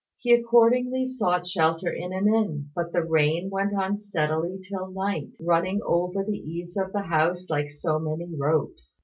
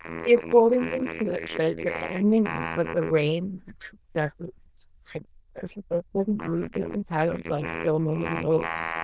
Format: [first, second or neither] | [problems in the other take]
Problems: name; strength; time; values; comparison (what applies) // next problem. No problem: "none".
first | noise reduction (neural diffusion model UNIVERSE++)